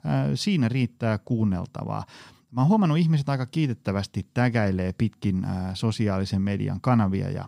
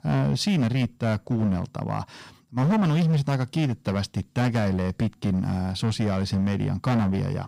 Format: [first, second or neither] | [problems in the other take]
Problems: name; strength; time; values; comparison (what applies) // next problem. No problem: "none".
first | distortion; slight; 14% of the sound clipped